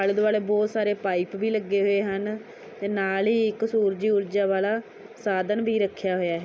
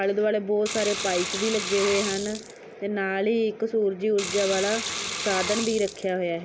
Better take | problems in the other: first | background sound (Sink (filling or washing) / Water); 6 dB below the speech

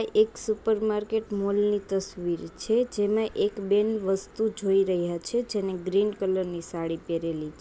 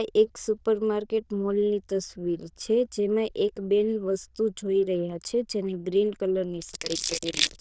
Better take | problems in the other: first | noise reduction (neural diffusion model UNIVERSE++)

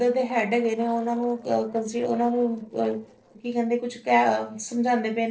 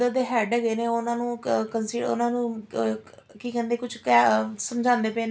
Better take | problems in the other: second | noise reduction (neural separator model SepFormer DNS4)

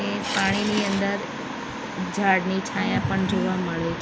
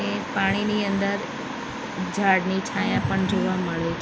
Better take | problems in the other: second | background sound (Subway, metro, underground / Engine); 7 dB below the speech

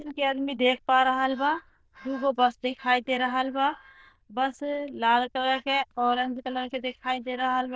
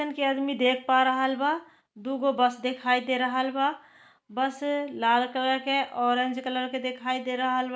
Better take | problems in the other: second | noise reduction (neural diffusion model UNIVERSE++)

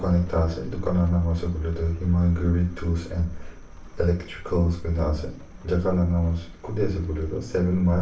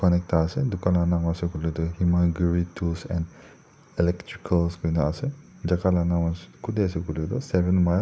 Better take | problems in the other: second | background sound (Rain); 14 dB below the speech // room echo; dies away in 0.4 s

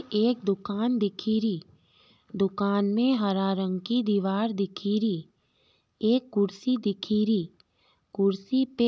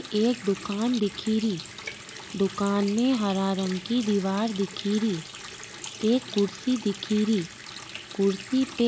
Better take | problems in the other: first | background sound (Water tap, faucet); 14 dB below the speech

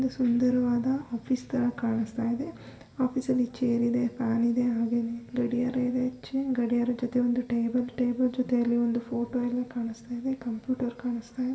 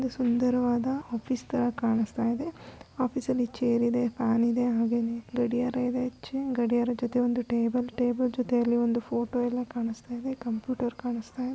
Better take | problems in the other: second | room echo; dies away in 0.7 s

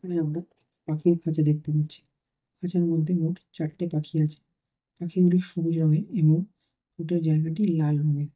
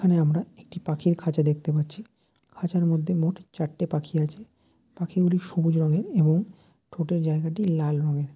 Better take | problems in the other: second | noise reduction (neural mask model DeepFilterNet 3)

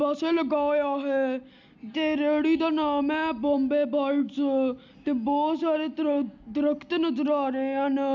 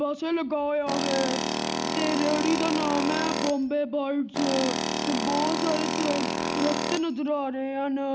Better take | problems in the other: first | background sound (Tools); 1 dB below the speech

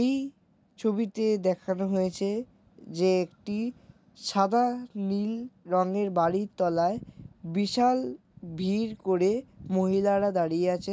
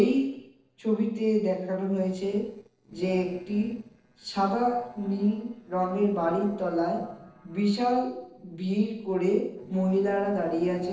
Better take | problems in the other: first | noise reduction (neural separator model SepFormer DNS4)

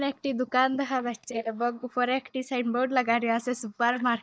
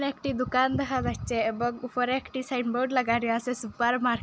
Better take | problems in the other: second | noise reduction (neural mask model DeepFilterNet 3)

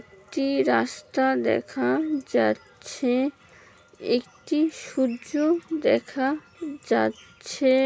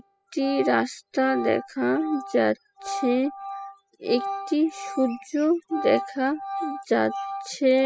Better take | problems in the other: first | noise reduction (classical method spectral subtraction)

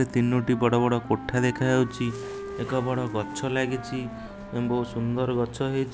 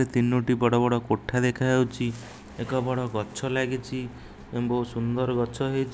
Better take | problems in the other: second | background sound (Wind instrument, woodwind instrument); 13 dB below the speech

